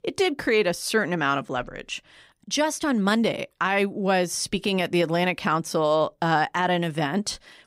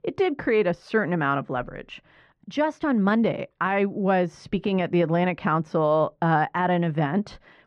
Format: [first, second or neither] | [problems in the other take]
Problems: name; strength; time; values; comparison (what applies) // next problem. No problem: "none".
first | muffled; very; fading above 2 kHz